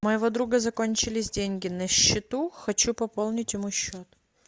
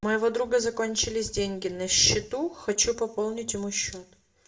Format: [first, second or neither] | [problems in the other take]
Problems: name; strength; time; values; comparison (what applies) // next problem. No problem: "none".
first | room echo; dies away in 0.3 s